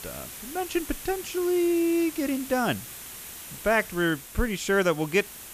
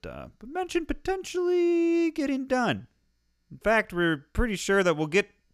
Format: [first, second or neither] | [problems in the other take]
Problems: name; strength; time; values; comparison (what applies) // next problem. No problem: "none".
second | hiss; noticeable; throughout; 10 dB below the speech